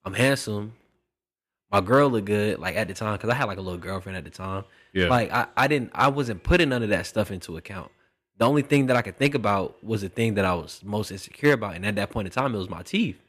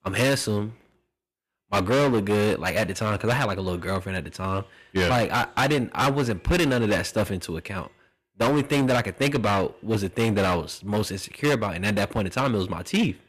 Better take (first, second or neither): first